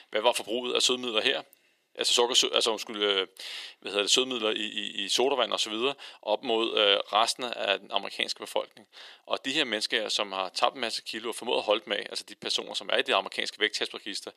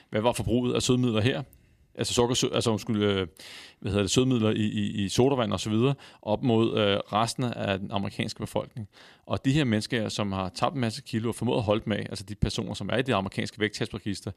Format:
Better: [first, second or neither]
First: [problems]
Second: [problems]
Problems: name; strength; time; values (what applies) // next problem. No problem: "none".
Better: second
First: thin; very; fading below 400 Hz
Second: none